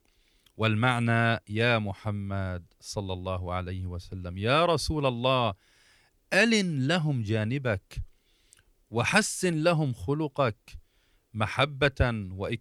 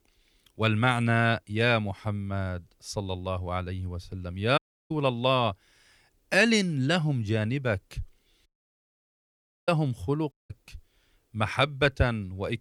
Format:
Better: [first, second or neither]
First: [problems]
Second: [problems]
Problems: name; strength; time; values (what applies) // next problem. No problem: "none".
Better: first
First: none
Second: audio cutting out; at 4.5 s, at 8.5 s for 1 s and at 10 s